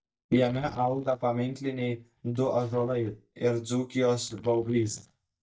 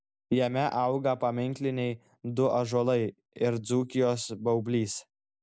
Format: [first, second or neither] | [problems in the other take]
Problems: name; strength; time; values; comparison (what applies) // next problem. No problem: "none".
second | noise reduction (neural mask model DeepFilterNet 3)